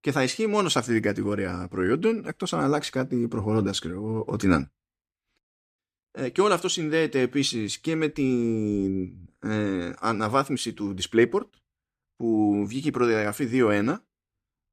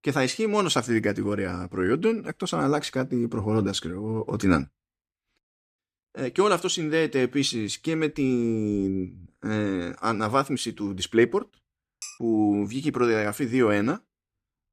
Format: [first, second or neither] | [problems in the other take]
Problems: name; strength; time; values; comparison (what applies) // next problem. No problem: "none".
first | clattering dishes; faint; at 12 s; peak 15 dB below the speech